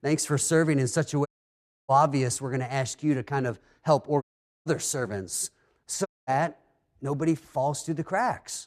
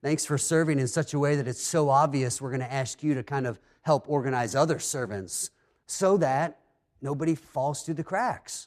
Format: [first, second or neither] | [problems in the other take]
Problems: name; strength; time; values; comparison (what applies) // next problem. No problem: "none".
second | audio cutting out; at 1.5 s for 0.5 s, at 4 s and at 6 s